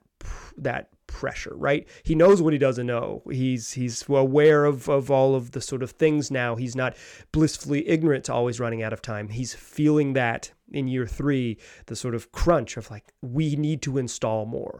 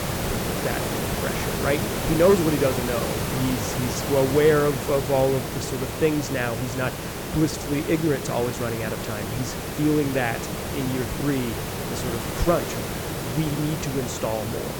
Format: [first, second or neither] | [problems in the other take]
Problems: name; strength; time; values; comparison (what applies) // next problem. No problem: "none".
first | hiss; loud; throughout; 3 dB below the speech